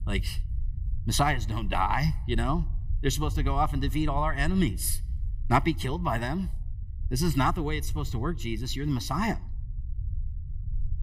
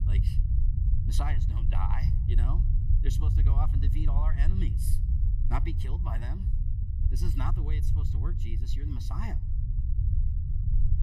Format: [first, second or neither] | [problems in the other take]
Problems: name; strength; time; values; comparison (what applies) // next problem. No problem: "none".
first | low rumble; loud; throughout; 4 dB below the speech; faint in the first